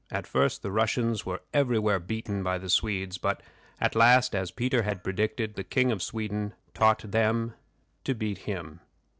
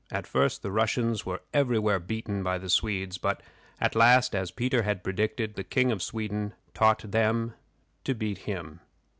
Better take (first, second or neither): second